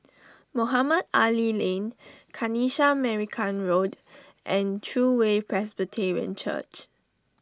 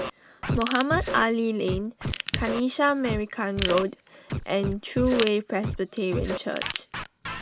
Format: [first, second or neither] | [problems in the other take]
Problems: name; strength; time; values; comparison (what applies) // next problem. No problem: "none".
first | background sound (Scratching (performance technique) + Ratchet, pawl / Tools); 5 dB below the speech